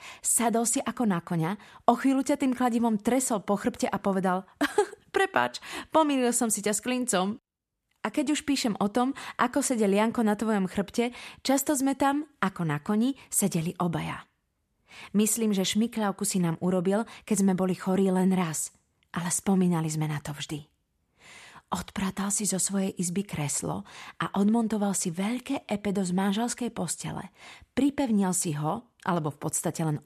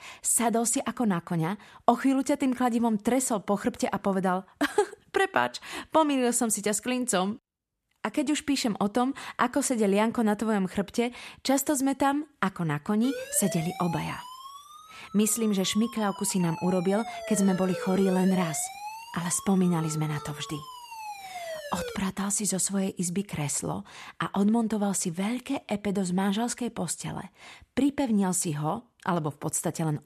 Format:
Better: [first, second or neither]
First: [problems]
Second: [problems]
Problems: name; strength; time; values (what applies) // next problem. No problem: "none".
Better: first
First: none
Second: siren; noticeable; from 13 to 22 s; peak 8 dB below the speech